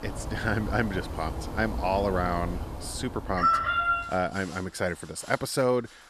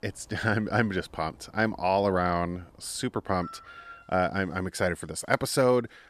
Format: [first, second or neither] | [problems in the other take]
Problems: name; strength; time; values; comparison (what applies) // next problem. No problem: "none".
second | animal sounds; loud; throughout; 1 dB below the speech; faint in the second